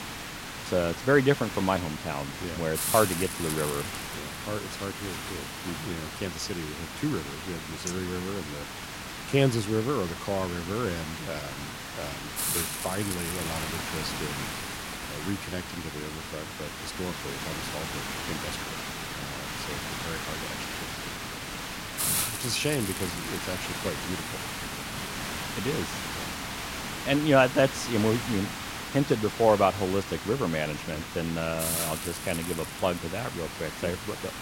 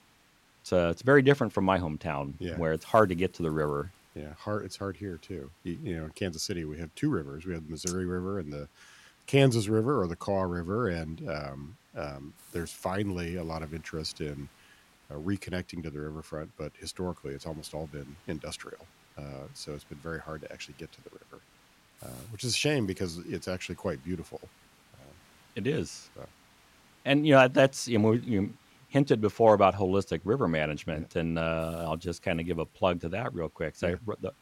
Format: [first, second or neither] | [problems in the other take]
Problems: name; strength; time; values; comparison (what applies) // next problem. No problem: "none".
second | hiss; loud; throughout; 4 dB below the speech; faint in the second